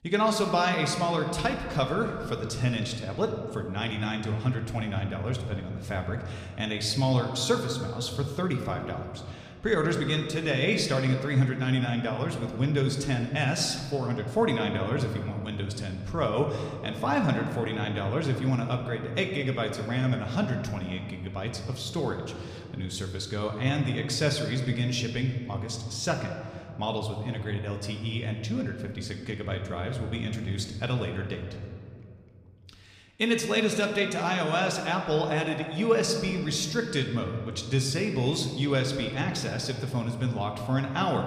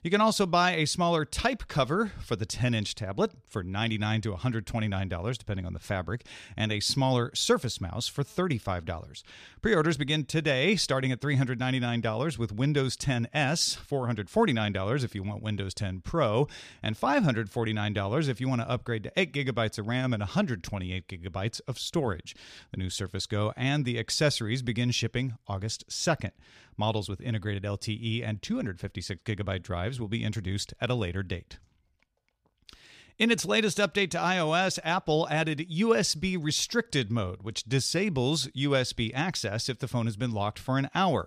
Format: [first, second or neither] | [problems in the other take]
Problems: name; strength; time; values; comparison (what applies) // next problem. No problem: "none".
second | room echo; slight; dies away in 1.9 s